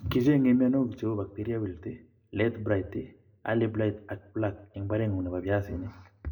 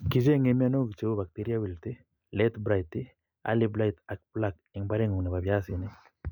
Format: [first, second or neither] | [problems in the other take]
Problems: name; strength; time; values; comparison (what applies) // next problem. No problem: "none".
second | room echo; dies away in 0.3 s